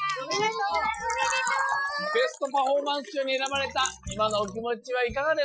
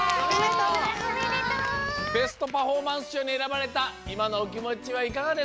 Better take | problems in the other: second | noise reduction (classical method Wiener filter)

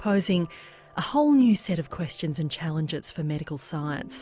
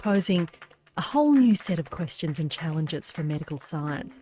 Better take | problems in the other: first | noise reduction (neural mask model RNNoise)

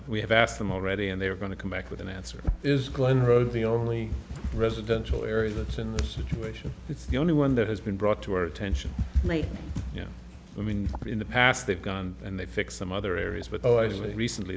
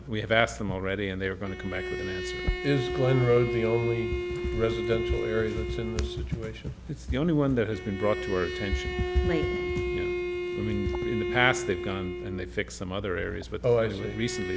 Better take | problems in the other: first | background sound (Bowed string instrument); 5 dB below the speech

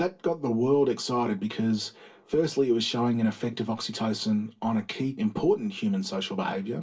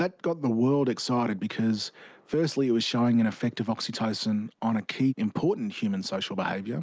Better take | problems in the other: second | room echo; dies away in 0.2 s

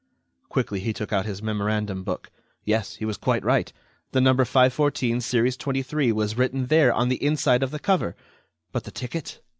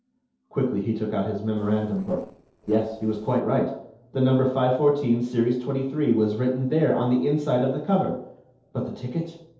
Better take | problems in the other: first | noise reduction (neural separator model SepFormer DNS4)

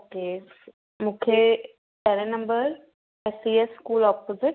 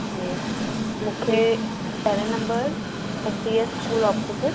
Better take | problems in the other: first | background sound (Train); 2 dB below the speech

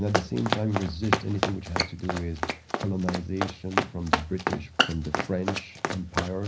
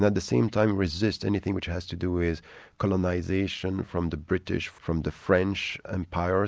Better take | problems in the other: second | background sound (Run); 1 dB above the speech // room echo; dies away in 0.5 s

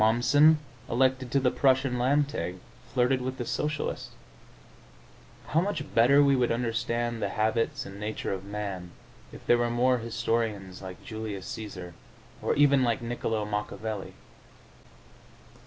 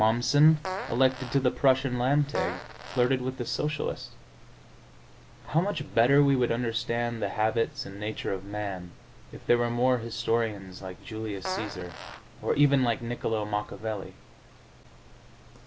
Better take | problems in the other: first | background sound (Fart); 11 dB below the speech

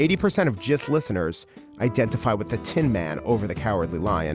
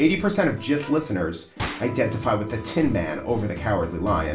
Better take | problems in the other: first | background sound (Gunshot, gunfire); 15 dB below the speech // room echo; dies away in 0.3 s

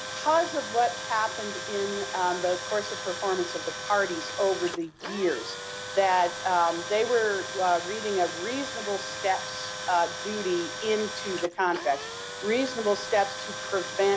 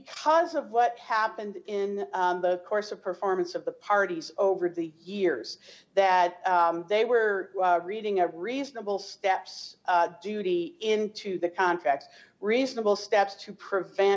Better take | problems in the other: second | background sound (Tools); 8 dB below the speech

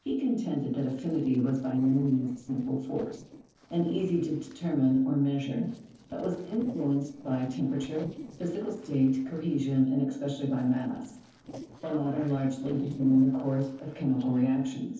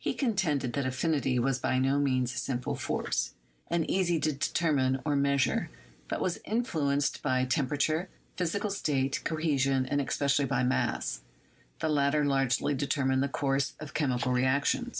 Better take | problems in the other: second | noise reduction (neural separator model SepFormer DNS4)

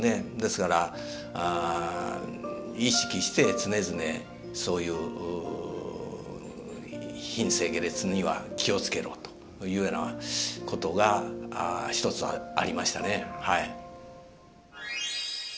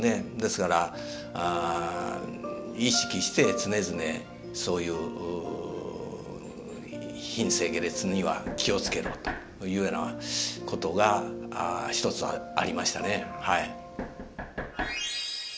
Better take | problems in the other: first | background sound (Knock); 8 dB below the speech

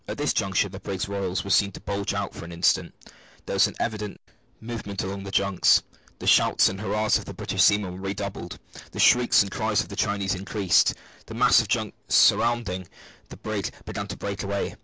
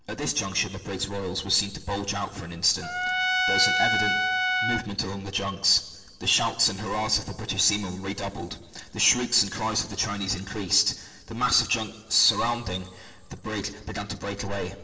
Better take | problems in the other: first | background sound (Trumpet); 1 dB above the speech // room echo; dies away in 2.7 s

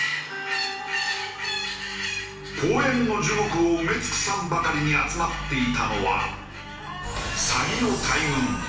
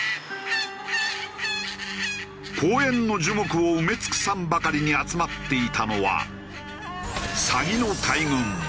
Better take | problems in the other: second | room echo; dies away in 0.7 s

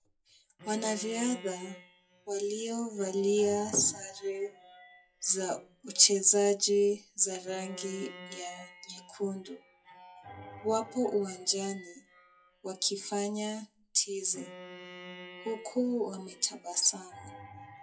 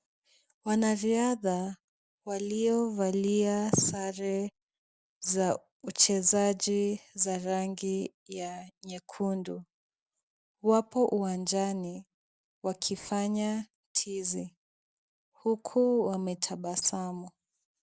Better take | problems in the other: second | noise reduction (classical method WPE with log-MMSE)

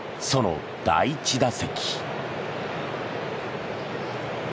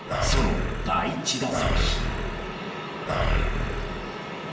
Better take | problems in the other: first | background sound (Animal); 4 dB above the speech // room echo; dies away in 0.8 s

